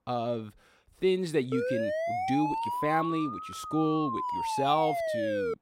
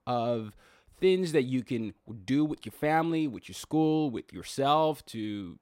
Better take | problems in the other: second | siren; loud; from 1.5 s on; peak level with the speech

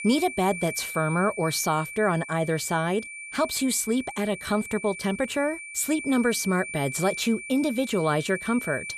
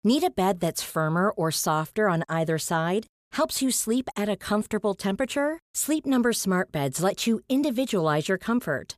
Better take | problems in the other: second | high-pitched whine; loud; throughout; 2.5 kHz, 10 dB below the speech

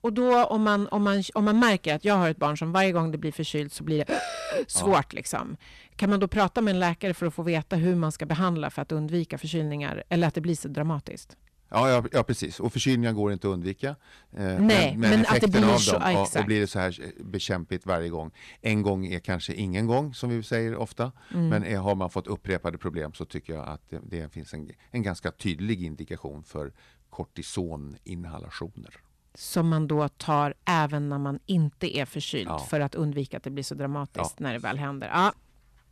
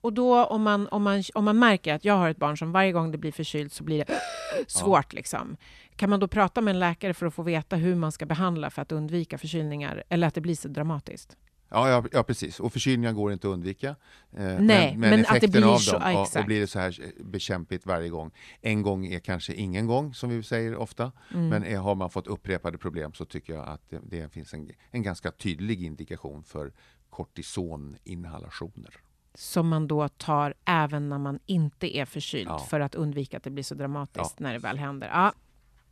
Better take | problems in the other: second | distortion; slight; 3% of the sound clipped

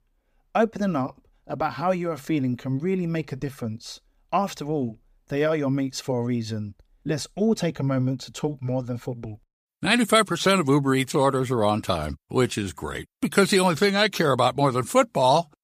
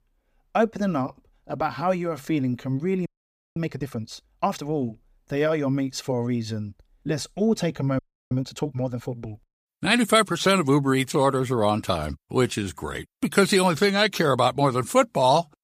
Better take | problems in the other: first | audio freezing; at 3 s for 0.5 s and at 8 s

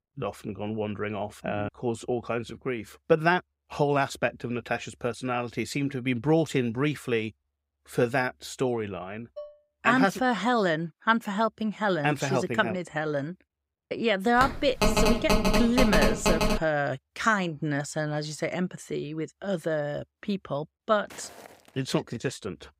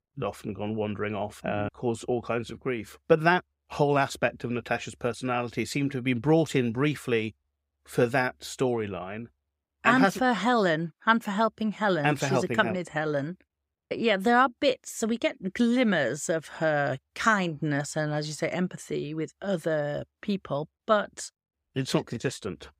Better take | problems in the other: second | clattering dishes; faint; at 9.5 s; peak 15 dB below the speech // phone ringing; loud; from 14 to 17 s; peak 4 dB above the speech // footsteps; faint; at 21 s; peak 15 dB below the speech

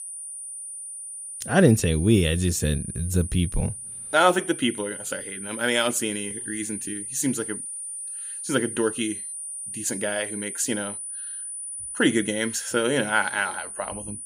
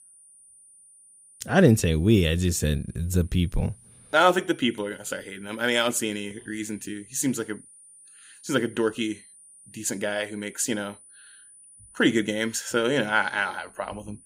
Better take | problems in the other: second | high-pitched whine; loud; throughout; 9.5 kHz, 8 dB below the speech; faint in the second

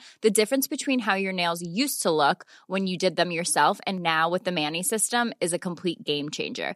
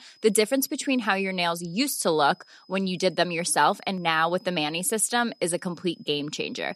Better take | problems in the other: first | high-pitched whine; faint; throughout; 5 kHz, 30 dB below the speech

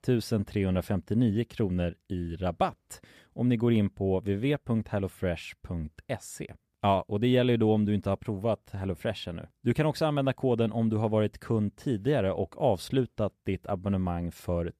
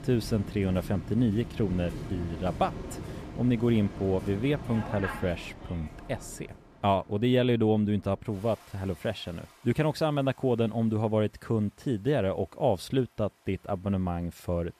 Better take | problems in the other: first | rain or running water; noticeable; throughout; 10 dB below the speech

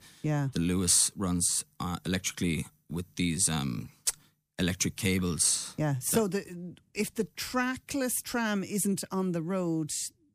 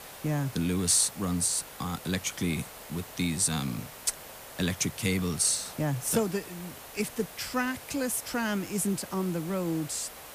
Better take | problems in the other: first | hiss; noticeable; throughout; 15 dB below the speech

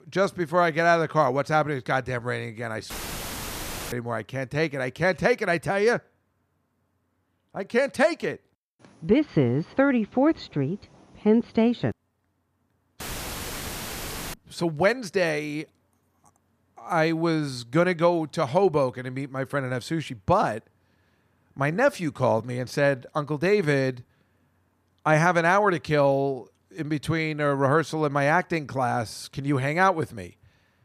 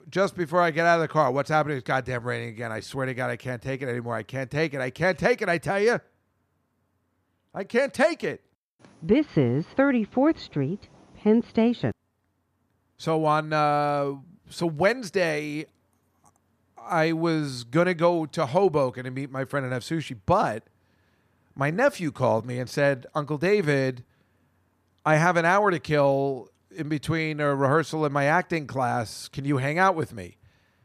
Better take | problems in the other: second | audio cutting out; filled with static; at 3 s for 1 s and at 13 s for 1.5 s

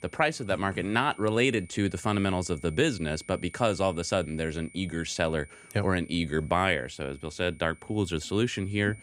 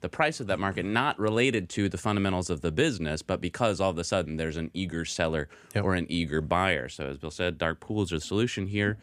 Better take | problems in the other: second | high-pitched whine; faint; throughout; 2 kHz, 25 dB below the speech

